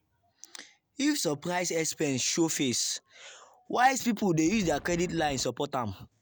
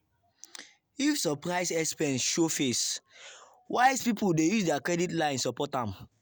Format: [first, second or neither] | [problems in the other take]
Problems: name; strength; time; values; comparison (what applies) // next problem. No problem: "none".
second | background sound (Wind); 16 dB below the speech